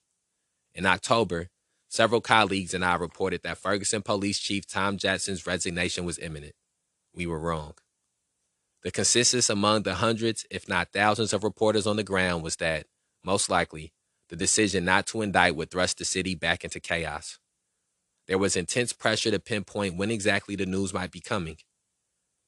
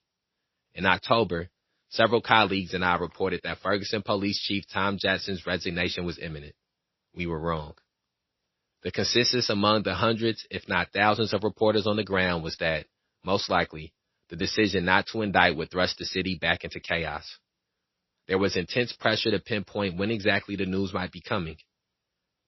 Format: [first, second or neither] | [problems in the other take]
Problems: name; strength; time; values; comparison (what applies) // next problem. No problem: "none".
first | garbled, watery; slightly; nothing above 5.5 kHz